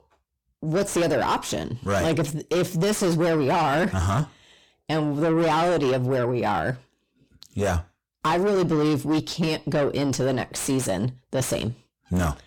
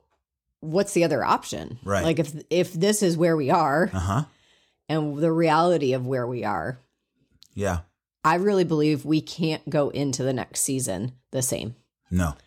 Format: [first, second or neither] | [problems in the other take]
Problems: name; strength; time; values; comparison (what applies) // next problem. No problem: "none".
second | distortion; heavy; 6 dB below the speech